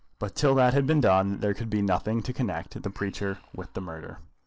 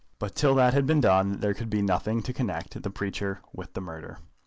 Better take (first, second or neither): second